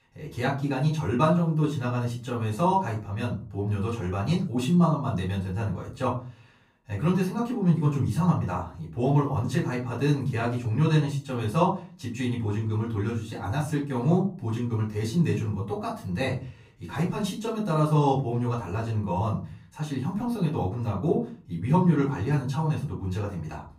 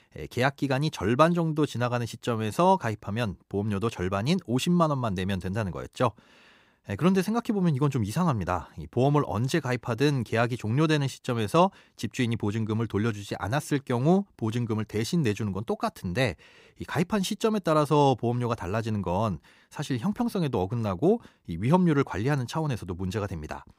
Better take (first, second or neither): second